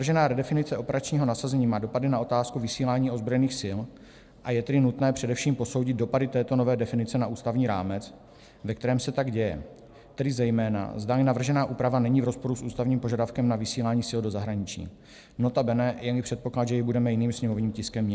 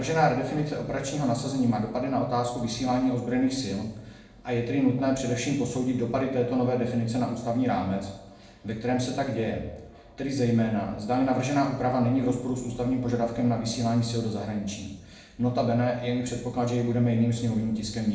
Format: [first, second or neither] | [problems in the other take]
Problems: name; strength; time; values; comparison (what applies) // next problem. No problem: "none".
first | room echo; dies away in 0.8 s